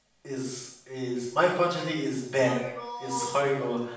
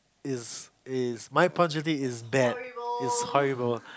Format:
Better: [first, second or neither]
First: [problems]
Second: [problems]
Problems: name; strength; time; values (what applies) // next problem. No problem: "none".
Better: second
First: room echo; dies away in 0.7 s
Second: none